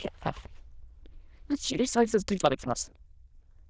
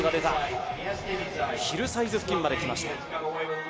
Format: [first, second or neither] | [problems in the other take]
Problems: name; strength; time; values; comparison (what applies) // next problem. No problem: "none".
second | noise reduction (neural diffusion model UNIVERSE++)